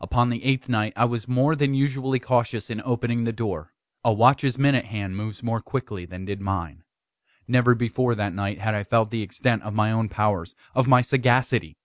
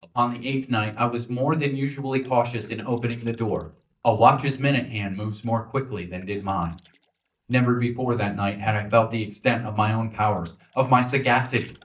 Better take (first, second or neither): first